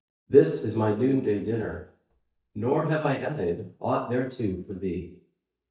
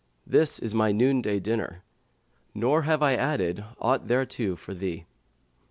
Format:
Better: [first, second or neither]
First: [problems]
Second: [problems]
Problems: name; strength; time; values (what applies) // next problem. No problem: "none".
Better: second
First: noise reduction (neural mask model DeepFilterNet 3)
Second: none